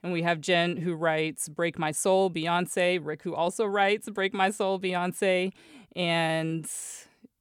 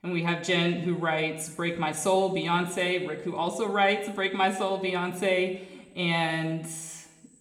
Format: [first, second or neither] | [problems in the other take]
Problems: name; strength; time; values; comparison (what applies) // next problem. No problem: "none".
first | room echo; slight; dies away in 1 s